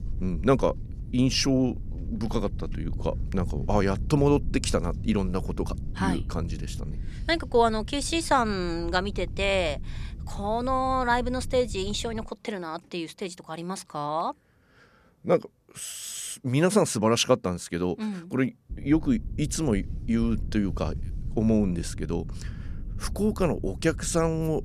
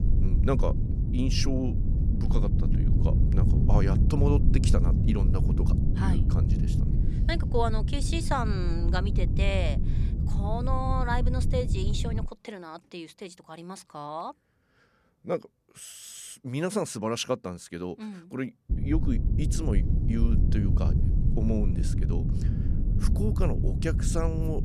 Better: first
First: low rumble; faint; until 12 s and from 19 s on; 20 dB below the speech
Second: low rumble; loud; until 12 s and from 19 s on; 5 dB below the speech

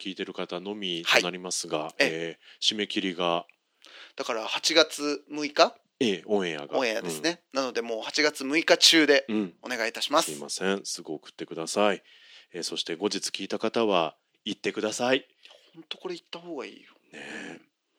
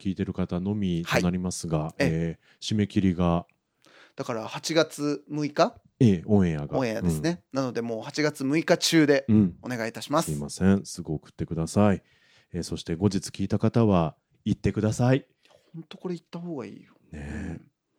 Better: second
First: thin; somewhat; fading below 300 Hz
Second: none

